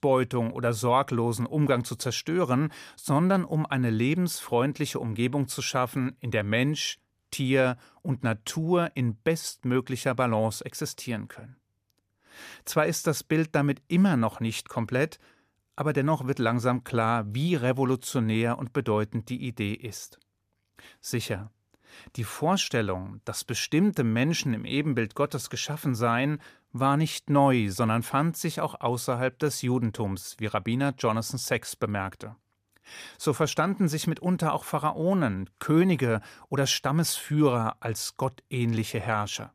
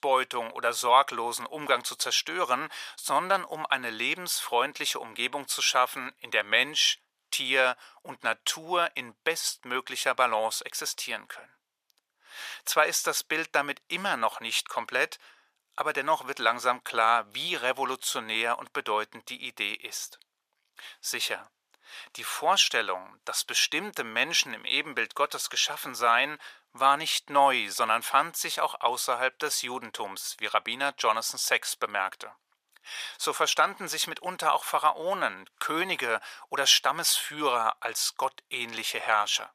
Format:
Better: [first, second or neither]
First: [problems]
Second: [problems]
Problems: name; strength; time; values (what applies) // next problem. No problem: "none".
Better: first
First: none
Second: thin; very; fading below 850 Hz